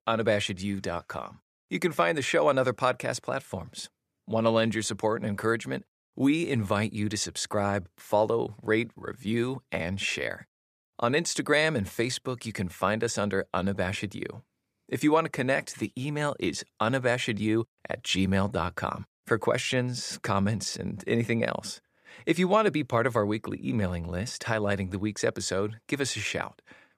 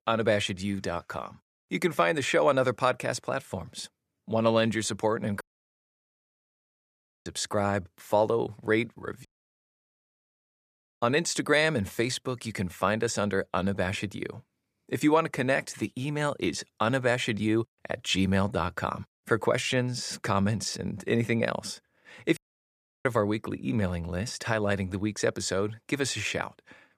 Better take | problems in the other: first | audio cutting out; at 5.5 s for 2 s, at 9.5 s for 2 s and at 22 s for 0.5 s

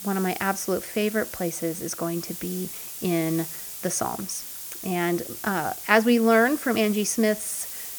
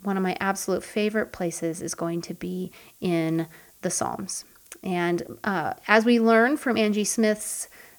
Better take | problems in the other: second | hiss; loud; throughout; 9 dB below the speech; faint in the second

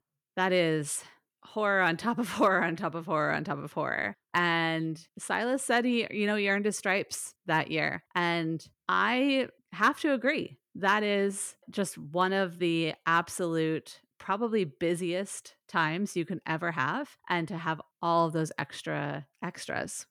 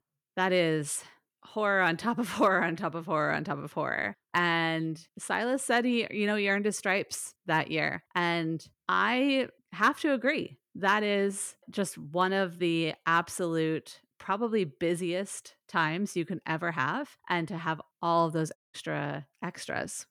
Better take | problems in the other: first | audio cutting out; at 19 s

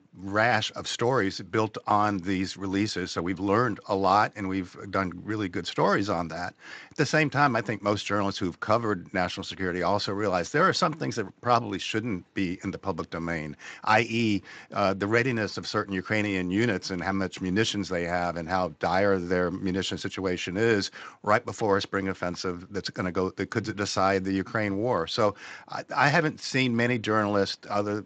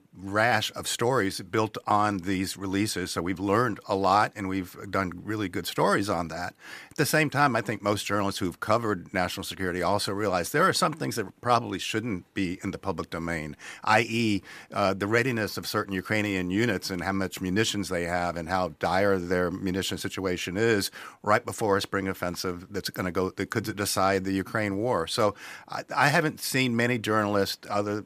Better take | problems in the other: second | garbled, watery; slightly; nothing above 7.5 kHz

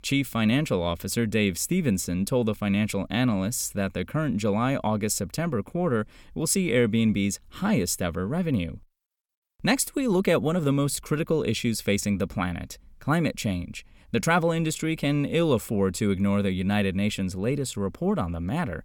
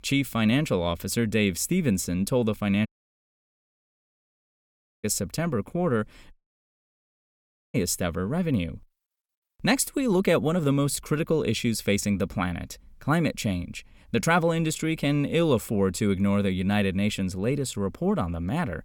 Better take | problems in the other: first | audio cutting out; at 3 s for 2 s and at 6.5 s for 1.5 s

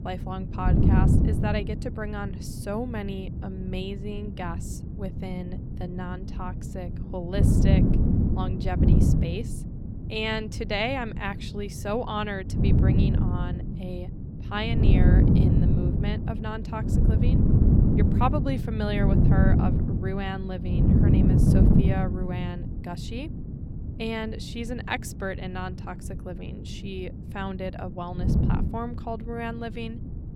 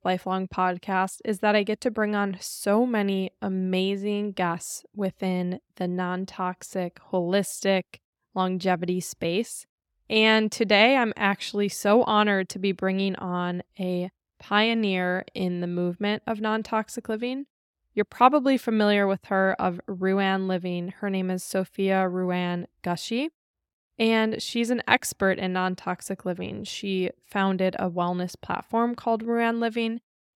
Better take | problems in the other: second | wind noise on the microphone; heavy; as loud as the speech

